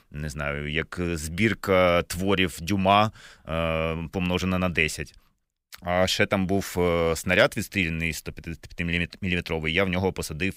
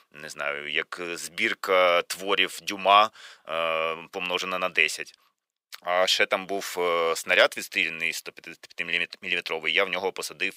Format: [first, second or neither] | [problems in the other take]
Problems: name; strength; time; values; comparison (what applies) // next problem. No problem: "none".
first | thin; very; fading below 500 Hz